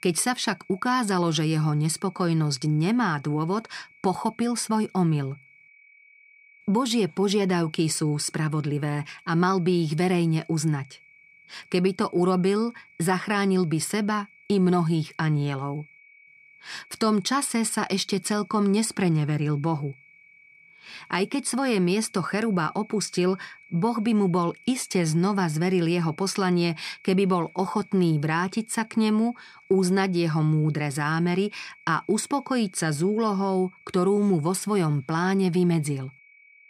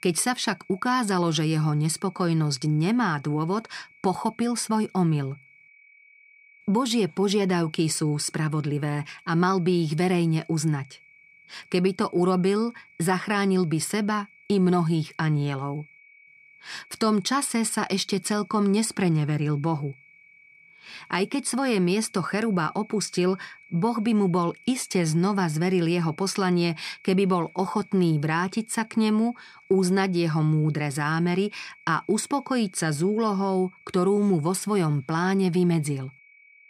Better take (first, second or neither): neither